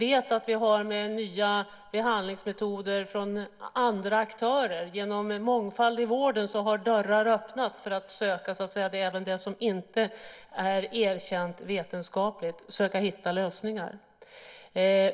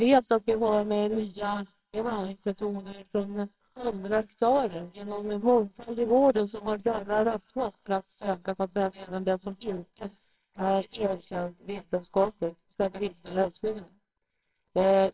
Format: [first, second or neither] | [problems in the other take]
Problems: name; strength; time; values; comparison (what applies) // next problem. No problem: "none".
first | noise reduction (neural separator model SepFormer WHAMR!)